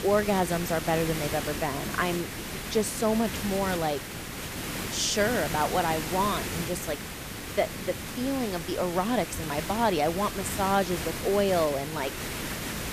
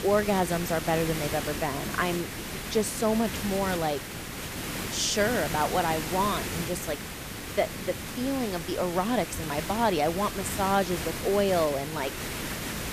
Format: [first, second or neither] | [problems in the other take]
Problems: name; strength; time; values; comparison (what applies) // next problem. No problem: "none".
neither | hiss; loud; throughout; 5 dB below the speech; the same in both